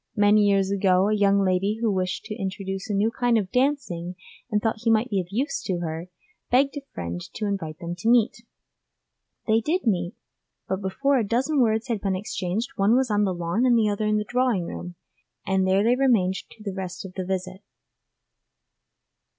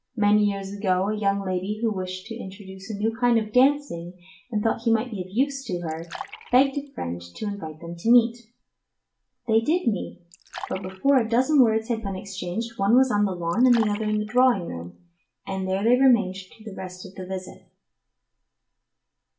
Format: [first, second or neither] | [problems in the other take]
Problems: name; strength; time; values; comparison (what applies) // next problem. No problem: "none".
first | background sound (Fill (with liquid)); 18 dB below the speech // room echo; dies away in 0.3 s